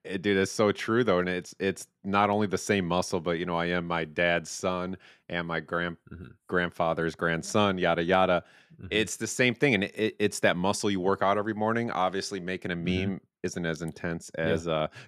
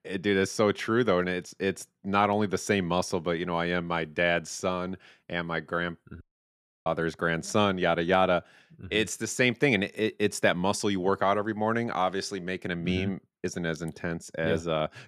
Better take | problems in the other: first | audio cutting out; at 6 s for 0.5 s

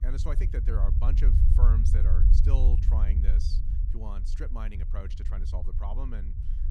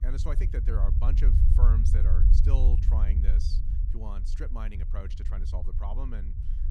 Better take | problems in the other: neither | low rumble; loud; throughout; 3 dB below the speech; the same in both

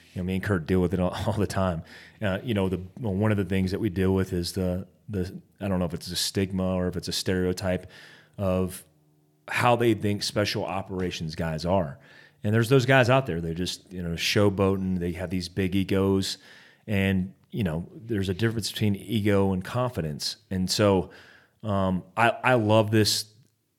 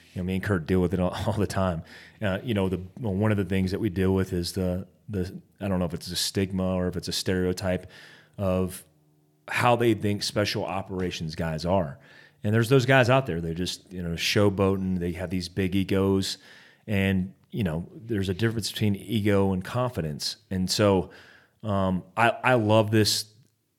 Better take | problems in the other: neither | none

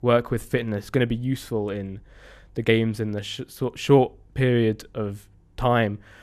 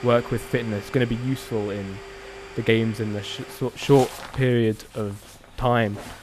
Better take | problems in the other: first | household noises; noticeable; throughout; 15 dB below the speech

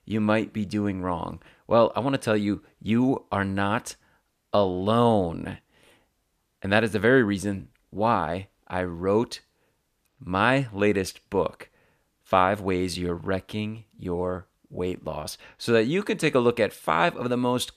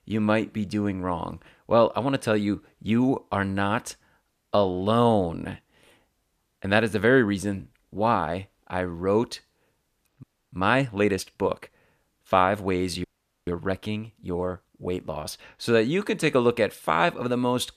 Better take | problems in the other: first | audio freezing; at 10 s and at 13 s

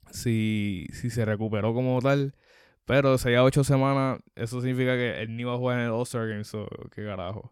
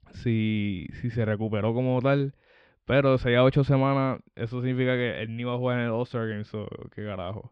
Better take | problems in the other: first | muffled; slightly; fading above 3.5 kHz

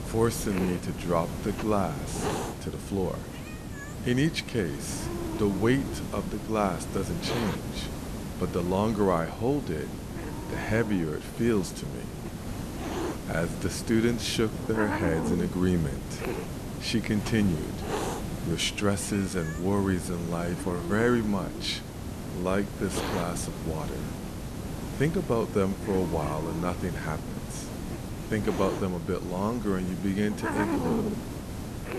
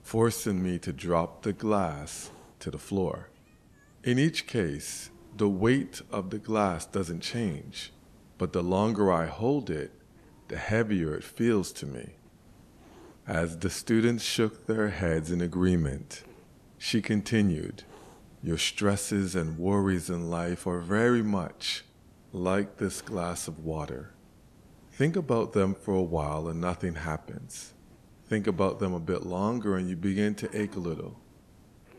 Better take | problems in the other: second | hiss; loud; throughout; 6 dB below the speech; faint in the second

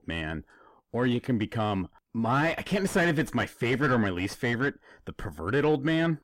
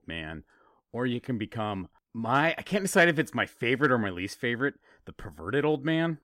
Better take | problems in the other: second | distortion; heavy; 6 dB below the speech

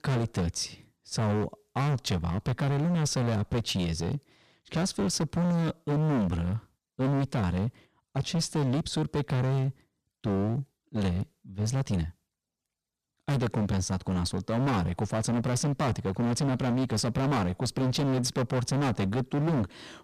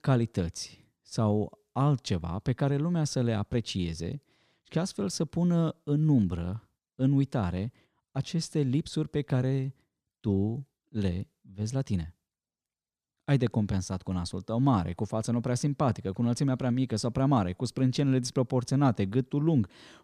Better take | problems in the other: second | distortion; heavy; 24% of the sound clipped

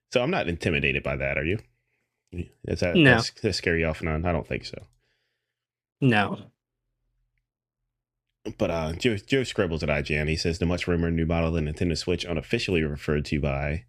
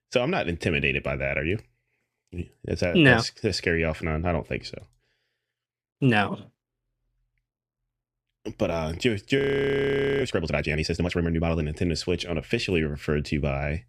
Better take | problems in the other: first | audio freezing; at 9.5 s for 1 s

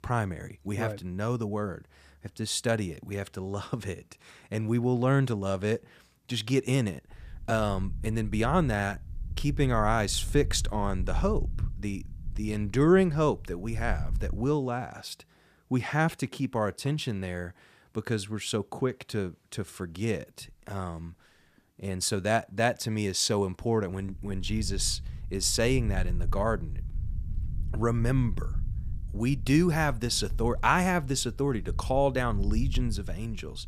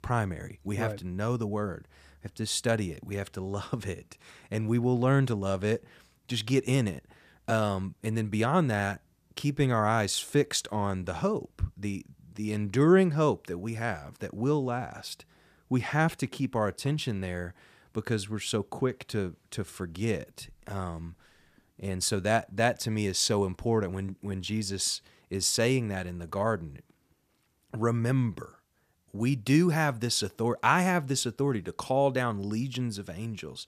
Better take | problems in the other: second | low rumble; faint; from 7 to 14 s and from 24 s on; 25 dB below the speech

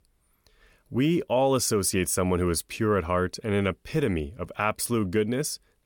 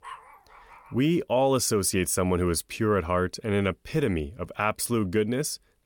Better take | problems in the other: first | dog barking; faint; at the start; peak 15 dB below the speech

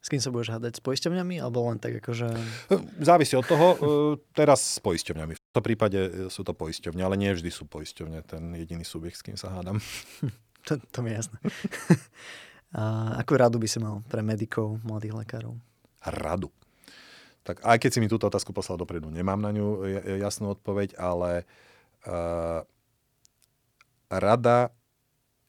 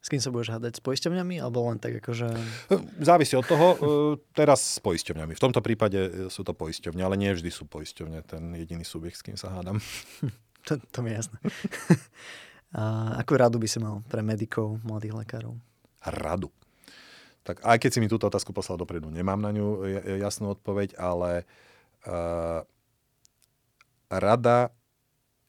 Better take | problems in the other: second | audio cutting out; at 5.5 s

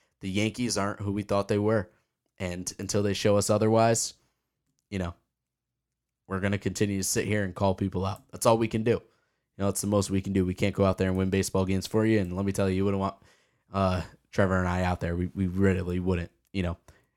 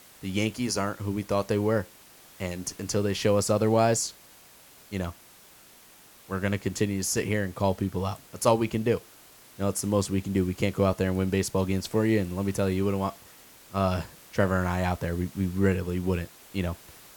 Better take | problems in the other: first | hiss; faint; throughout; 20 dB below the speech

